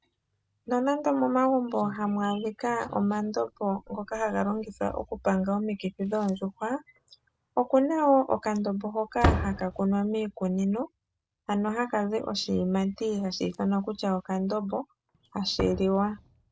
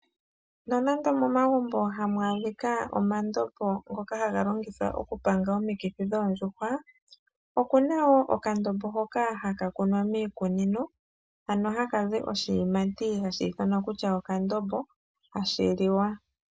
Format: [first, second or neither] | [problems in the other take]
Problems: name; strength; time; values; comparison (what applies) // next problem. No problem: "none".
second | background sound (Slam); 12 dB below the speech